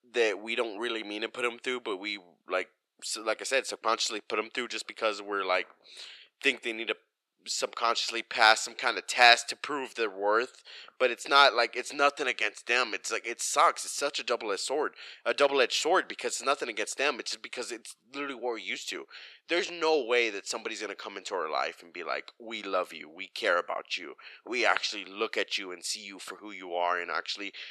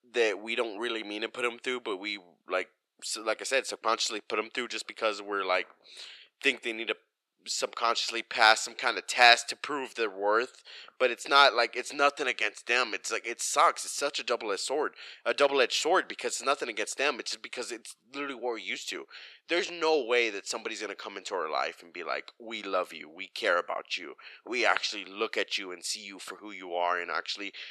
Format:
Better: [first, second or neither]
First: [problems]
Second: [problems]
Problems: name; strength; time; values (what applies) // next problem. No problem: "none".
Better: neither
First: thin; very; fading below 500 Hz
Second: thin; very; fading below 500 Hz